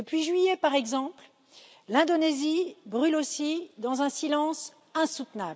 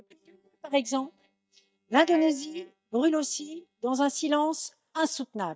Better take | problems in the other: first | noise reduction (neural mask model DeepFilterNet 3)

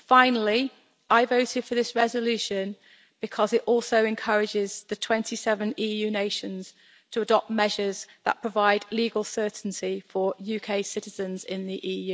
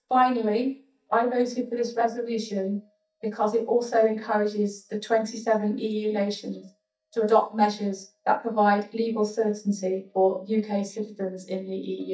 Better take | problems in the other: first | noise reduction (neural mask model DeepFilterNet 3)

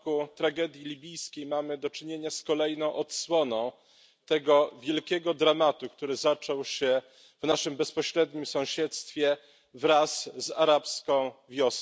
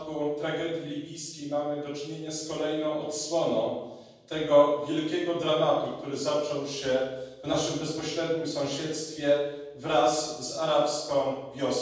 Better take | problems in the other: first | room echo; dies away in 1.2 s

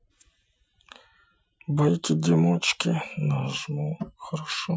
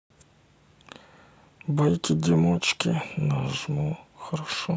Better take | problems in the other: second | noise reduction (classical method Wiener filter)

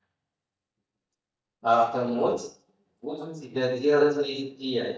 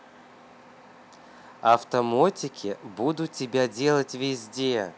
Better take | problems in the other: second | noise reduction (neural mask model DeepFilterNet 3)

